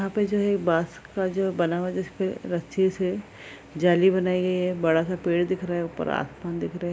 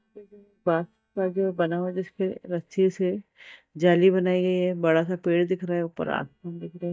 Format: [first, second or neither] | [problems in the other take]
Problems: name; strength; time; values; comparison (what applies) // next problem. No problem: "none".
first | noise reduction (neural mask model DeepFilterNet 3)